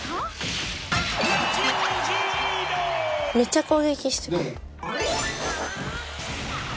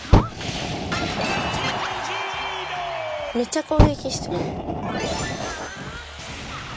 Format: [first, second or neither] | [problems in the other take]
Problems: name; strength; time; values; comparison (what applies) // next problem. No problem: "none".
first | background sound (Fire); 3 dB above the speech